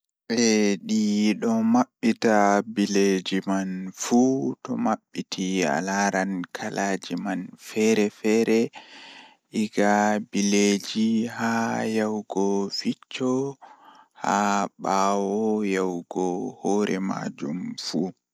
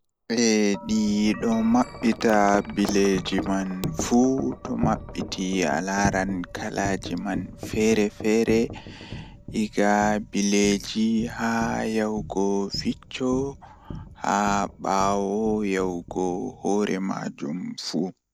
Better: first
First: none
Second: background sound (Wind chime); 13 dB below the speech

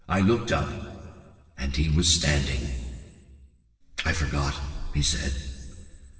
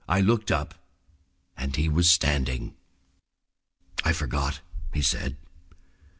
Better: second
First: room echo; dies away in 1.9 s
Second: none

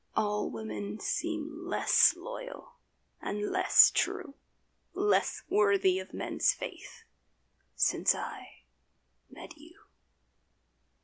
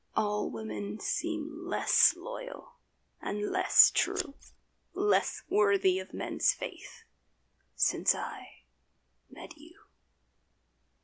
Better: first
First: none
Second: background sound (Scissors); 9 dB below the speech

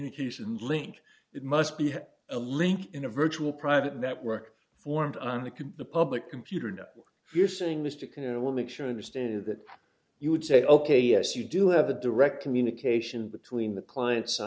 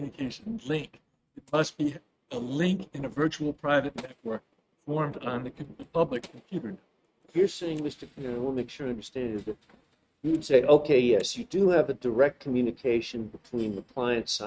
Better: first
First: none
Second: noise reduction (neural mask model RNNoise)

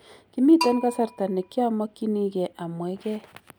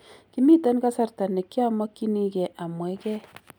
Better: second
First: background sound (Bell); 13 dB below the speech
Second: none

